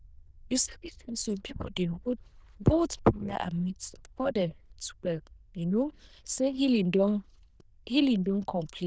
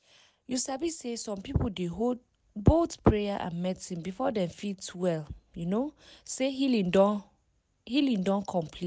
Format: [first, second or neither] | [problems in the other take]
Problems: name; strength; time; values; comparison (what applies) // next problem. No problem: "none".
second | noise reduction (neural diffusion model UNIVERSE++)